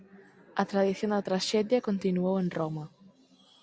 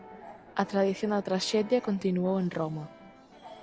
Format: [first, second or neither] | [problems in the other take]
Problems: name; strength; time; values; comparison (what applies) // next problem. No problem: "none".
first | background sound (Brass instrument + Subway, metro, underground); 19 dB below the speech